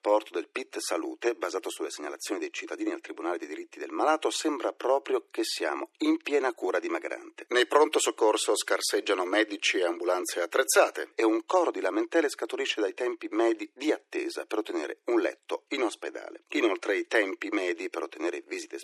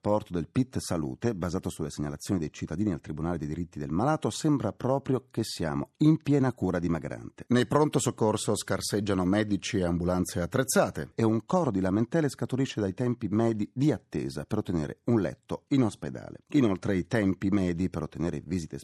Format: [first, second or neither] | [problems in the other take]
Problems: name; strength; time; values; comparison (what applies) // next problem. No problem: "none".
second | thin; very; fading below 350 Hz